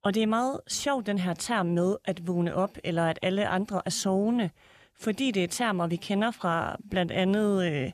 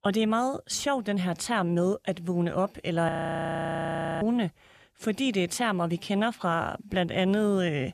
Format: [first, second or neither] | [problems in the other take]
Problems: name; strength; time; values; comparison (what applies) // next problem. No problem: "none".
first | audio freezing; at 3 s for 1 s